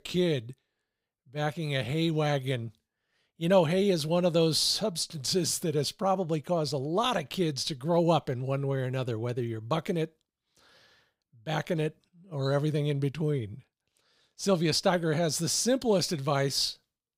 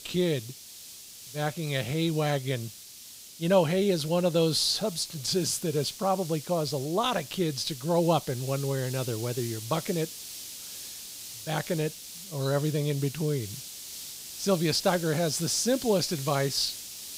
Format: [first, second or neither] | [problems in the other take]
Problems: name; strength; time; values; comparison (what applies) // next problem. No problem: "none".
first | hiss; noticeable; throughout; 10 dB below the speech